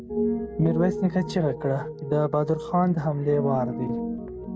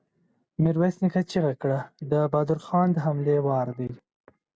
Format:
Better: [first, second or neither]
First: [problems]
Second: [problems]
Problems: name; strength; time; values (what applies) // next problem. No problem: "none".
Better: second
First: background sound (Piano); 5 dB below the speech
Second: none